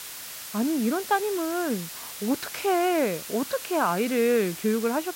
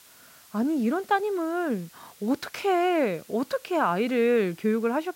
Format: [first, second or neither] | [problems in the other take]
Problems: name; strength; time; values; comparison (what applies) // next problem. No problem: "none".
second | hiss; loud; throughout; 10 dB below the speech; faint in the second